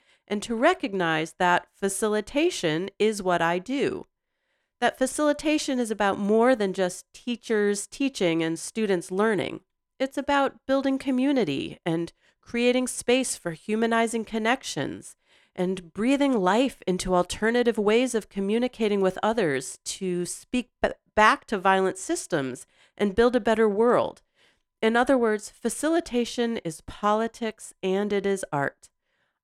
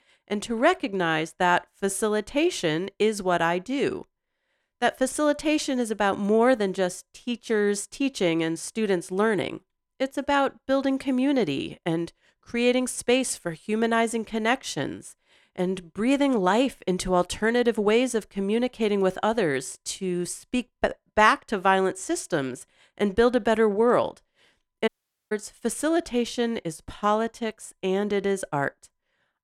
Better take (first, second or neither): first